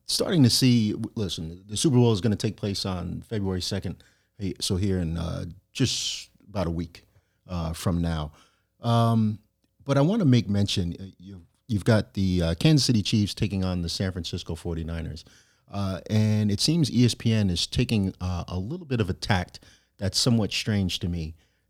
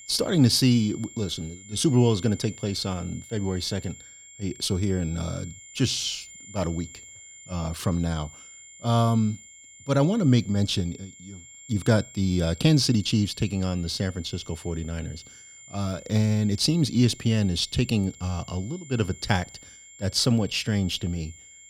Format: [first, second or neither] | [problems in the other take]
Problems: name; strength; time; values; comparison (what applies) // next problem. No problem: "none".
first | high-pitched whine; noticeable; throughout; 7 kHz, 20 dB below the speech